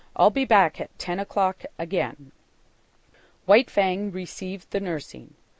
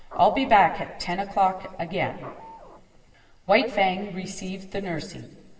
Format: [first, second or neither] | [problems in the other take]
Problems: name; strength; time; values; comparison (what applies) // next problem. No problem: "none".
first | background sound (Printer / Engine); 19 dB below the speech // room echo; dies away in 2.4 s